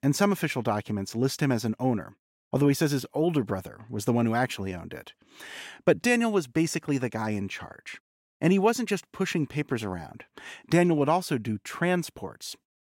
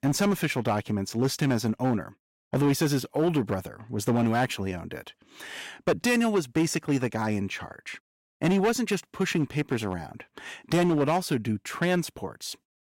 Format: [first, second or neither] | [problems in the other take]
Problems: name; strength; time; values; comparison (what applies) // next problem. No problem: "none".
first | distortion; slight; 6% of the sound clipped